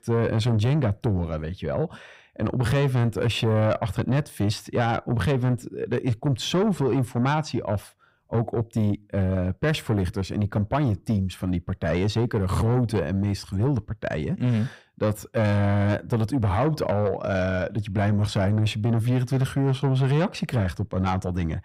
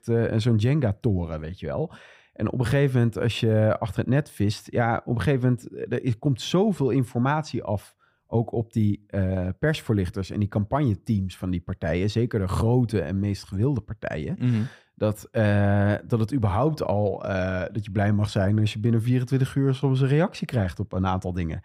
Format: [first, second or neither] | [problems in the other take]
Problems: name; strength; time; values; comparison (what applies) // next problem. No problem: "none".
second | distortion; slight; 10 dB below the speech